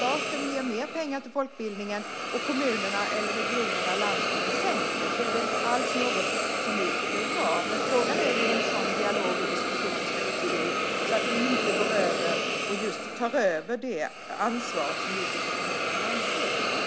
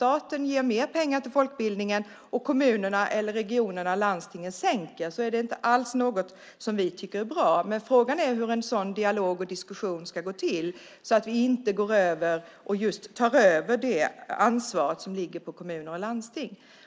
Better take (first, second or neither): second